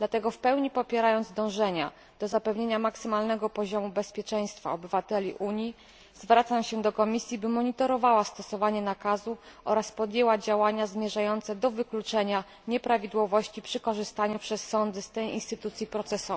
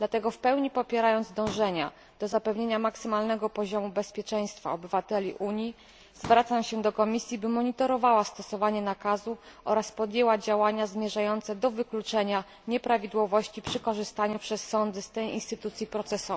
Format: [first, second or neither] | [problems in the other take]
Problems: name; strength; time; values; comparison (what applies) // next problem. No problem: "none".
first | background sound (Explosion); 16 dB below the speech